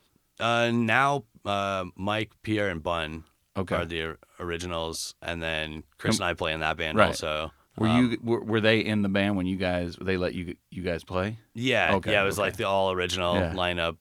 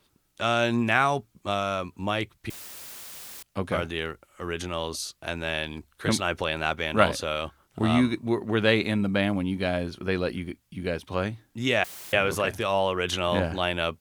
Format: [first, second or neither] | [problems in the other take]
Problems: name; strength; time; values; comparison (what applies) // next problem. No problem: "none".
first | audio cutting out; filled with static; at 2.5 s for 1 s and at 12 s